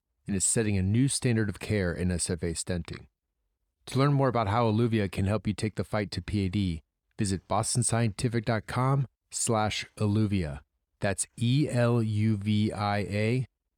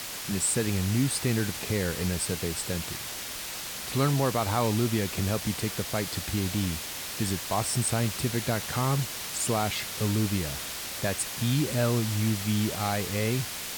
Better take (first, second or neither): first